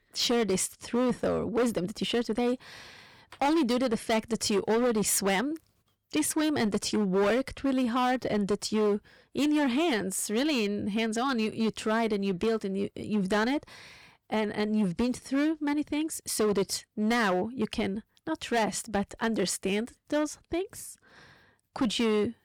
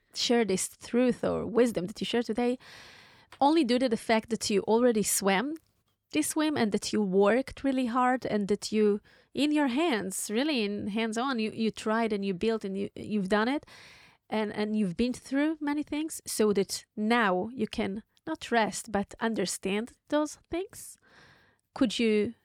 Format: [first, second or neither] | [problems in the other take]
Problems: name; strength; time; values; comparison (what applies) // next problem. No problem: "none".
second | distortion; slight; 10% of the sound clipped